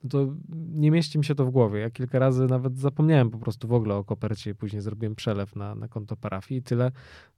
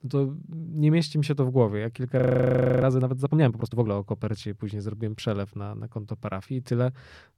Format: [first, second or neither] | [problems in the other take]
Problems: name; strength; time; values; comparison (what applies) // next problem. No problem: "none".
first | audio freezing; at 2 s for 0.5 s